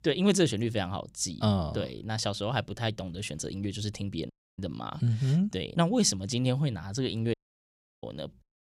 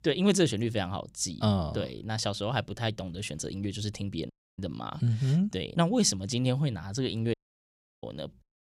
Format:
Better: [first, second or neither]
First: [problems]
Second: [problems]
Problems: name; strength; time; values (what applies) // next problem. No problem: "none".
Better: neither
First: audio cutting out; at 4.5 s and at 7.5 s for 0.5 s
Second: audio cutting out; at 4.5 s and at 7.5 s for 0.5 s